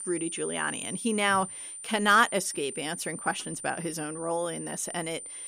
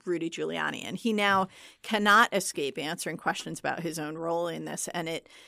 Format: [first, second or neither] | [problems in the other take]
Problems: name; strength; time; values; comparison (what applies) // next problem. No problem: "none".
second | high-pitched whine; loud; throughout; 9 kHz, 8 dB below the speech